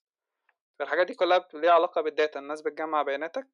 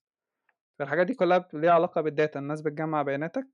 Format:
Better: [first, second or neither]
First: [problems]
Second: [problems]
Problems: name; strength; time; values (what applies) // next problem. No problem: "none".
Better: second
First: thin; somewhat; fading below 350 Hz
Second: none